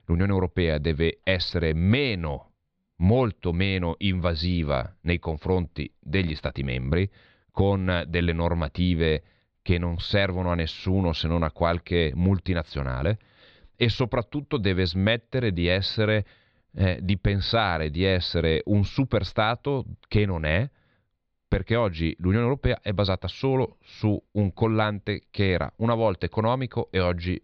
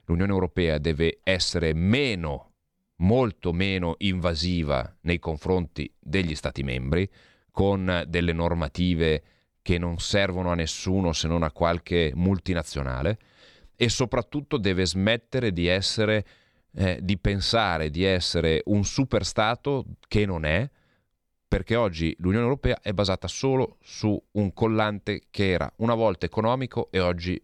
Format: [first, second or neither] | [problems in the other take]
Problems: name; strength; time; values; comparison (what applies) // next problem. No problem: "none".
second | muffled; very slightly; fading above 4 kHz